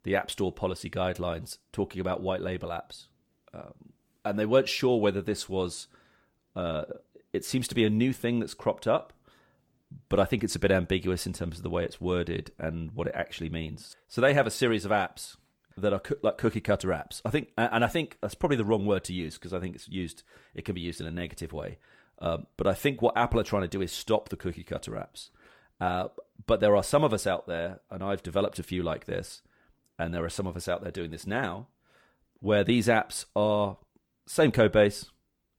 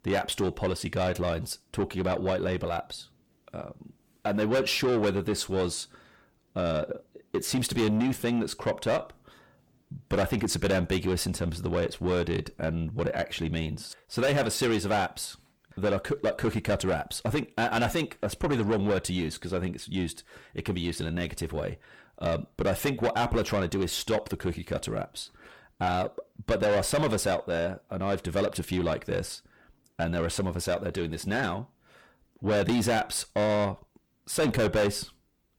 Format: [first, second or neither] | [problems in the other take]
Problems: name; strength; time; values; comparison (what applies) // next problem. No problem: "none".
first | distortion; heavy; 7 dB below the speech